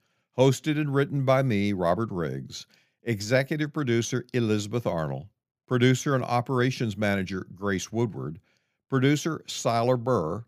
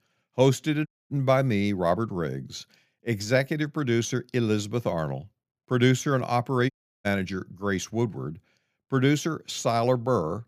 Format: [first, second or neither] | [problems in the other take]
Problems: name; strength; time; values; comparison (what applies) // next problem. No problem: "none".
first | audio cutting out; at 1 s and at 6.5 s